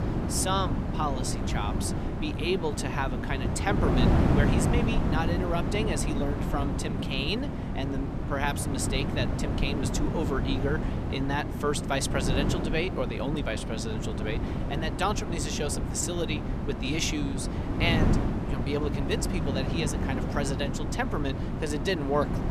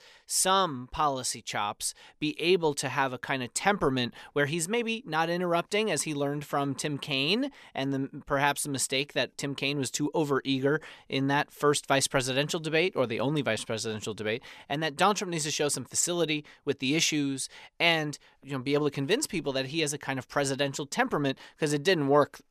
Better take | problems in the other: second | wind noise on the microphone; heavy; 4 dB below the speech

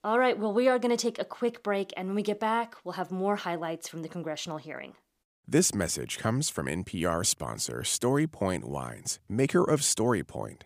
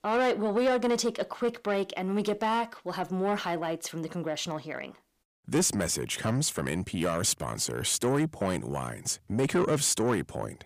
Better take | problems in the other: first | distortion; slight; 10 dB below the speech

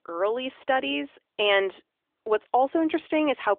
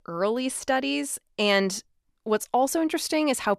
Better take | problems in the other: second | phone-call audio; nothing above 3 kHz

